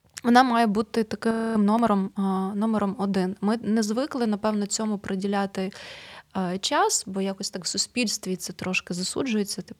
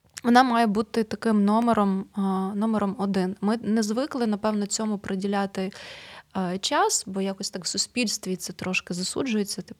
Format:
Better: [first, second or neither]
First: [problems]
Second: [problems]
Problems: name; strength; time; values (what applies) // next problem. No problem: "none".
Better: second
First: audio freezing; at 1.5 s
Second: none